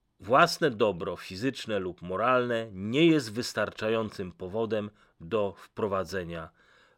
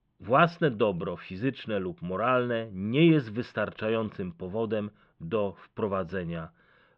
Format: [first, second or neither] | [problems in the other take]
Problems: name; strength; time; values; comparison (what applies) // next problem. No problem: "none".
first | muffled; very; fading above 3 kHz